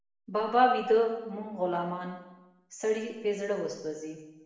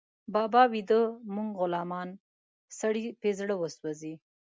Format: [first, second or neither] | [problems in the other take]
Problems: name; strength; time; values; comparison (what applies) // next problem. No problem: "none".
second | room echo; dies away in 0.9 s